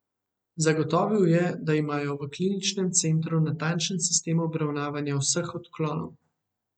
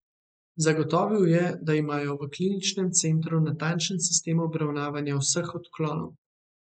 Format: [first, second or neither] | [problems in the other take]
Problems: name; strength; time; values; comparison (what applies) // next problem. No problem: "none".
first | noise reduction (neural mask model Resemble Enhance denoiser)